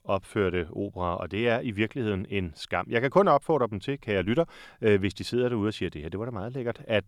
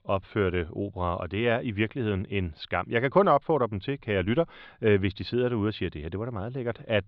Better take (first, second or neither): first